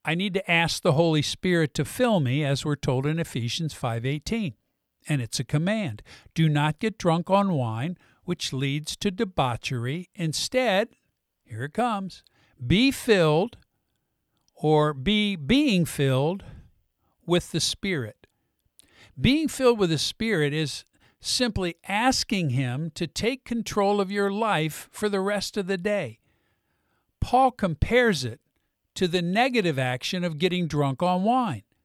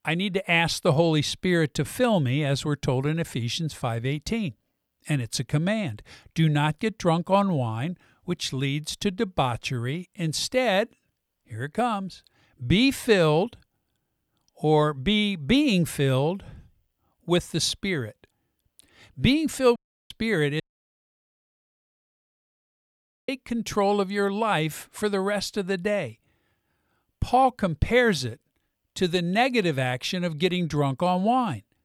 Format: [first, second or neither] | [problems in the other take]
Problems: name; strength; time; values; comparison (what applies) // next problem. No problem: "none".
first | audio cutting out; at 20 s and at 21 s for 2.5 s